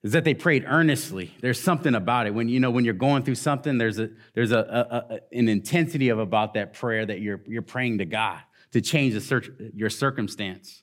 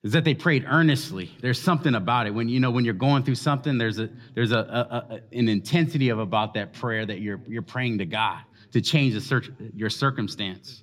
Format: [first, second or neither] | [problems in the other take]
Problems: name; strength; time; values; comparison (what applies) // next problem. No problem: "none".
first | room echo; slight; dies away in 3 s